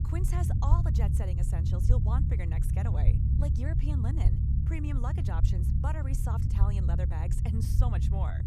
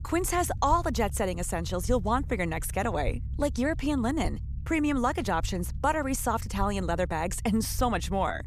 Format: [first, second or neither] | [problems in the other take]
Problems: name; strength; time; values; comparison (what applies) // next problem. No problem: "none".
second | low rumble; loud; throughout; 1 dB below the speech; faint in the second